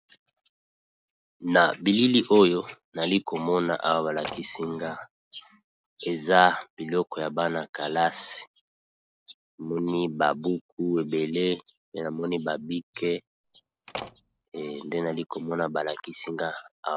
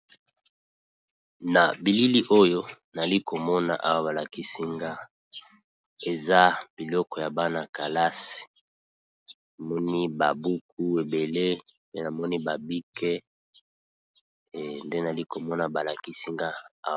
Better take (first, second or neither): second